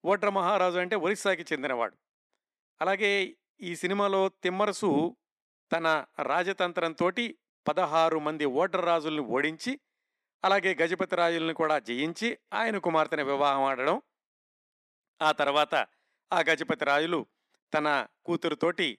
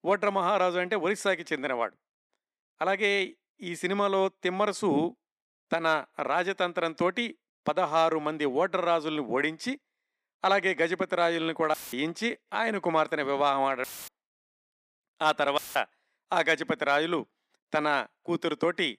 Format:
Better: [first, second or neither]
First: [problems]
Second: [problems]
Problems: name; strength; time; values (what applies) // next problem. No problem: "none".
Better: first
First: none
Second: audio cutting out; filled with static; at 12 s, at 14 s and at 16 s